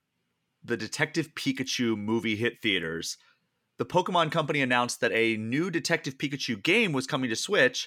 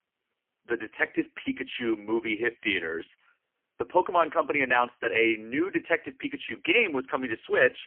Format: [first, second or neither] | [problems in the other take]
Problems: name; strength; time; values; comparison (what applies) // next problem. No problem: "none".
first | phone-call audio; poor line; nothing above 3 kHz